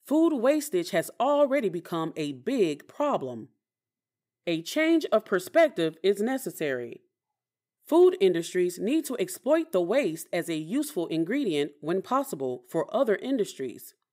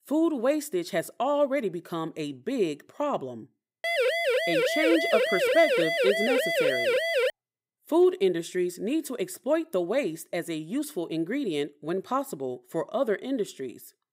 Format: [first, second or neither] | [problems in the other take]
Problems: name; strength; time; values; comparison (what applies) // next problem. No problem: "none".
first | siren; loud; from 4 to 7.5 s; peak 4 dB above the speech